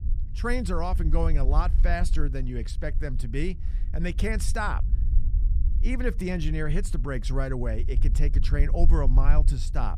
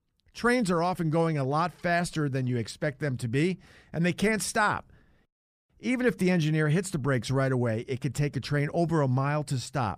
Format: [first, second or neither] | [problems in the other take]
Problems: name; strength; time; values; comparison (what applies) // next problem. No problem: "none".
second | low rumble; noticeable; throughout; 15 dB below the speech